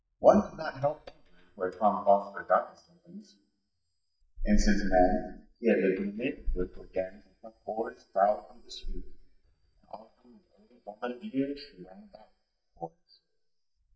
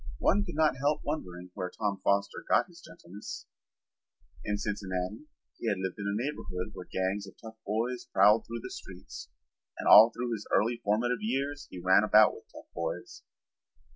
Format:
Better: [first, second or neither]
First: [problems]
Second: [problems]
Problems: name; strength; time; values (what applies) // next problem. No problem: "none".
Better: second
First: noise reduction (neural mask model DeepFilterNet 3)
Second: none